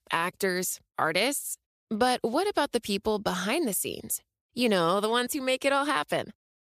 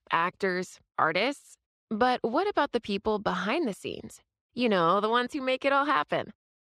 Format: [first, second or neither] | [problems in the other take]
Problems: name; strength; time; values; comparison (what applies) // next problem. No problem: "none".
first | muffled; slightly; fading above 3.5 kHz